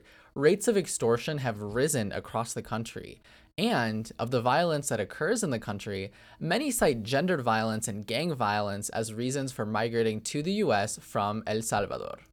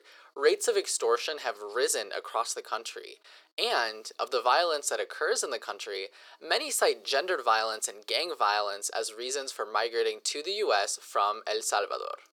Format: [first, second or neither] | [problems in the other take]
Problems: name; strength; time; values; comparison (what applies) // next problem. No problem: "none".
first | thin; very; fading below 400 Hz